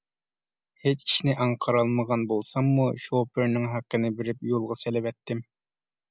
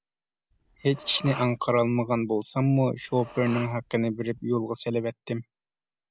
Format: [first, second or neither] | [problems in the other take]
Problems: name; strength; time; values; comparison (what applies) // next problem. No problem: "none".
first | background sound (Respiratory sounds); 17 dB below the speech